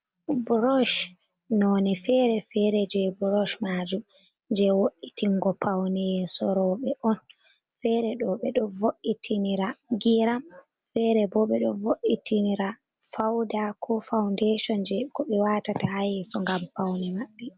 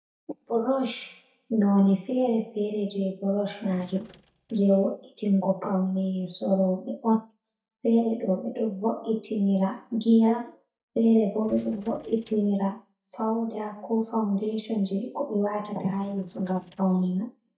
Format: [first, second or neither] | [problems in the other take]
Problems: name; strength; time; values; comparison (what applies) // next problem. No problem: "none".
first | noise reduction (neural mask model DeepFilterNet 3)